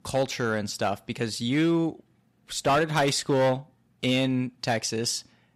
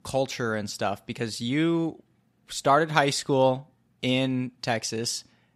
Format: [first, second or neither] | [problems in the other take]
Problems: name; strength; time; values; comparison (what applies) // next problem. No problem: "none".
second | distortion; slight; 4% of the sound clipped